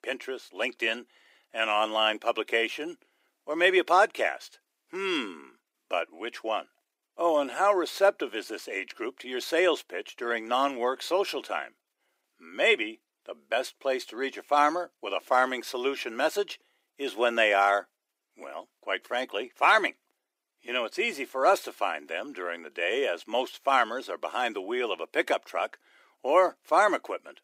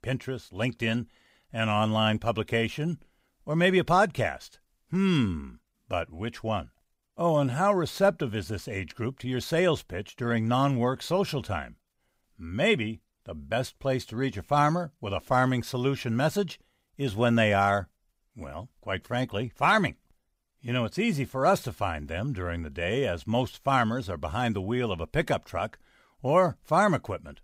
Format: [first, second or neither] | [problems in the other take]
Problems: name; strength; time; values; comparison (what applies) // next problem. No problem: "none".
second | thin; very; fading below 300 Hz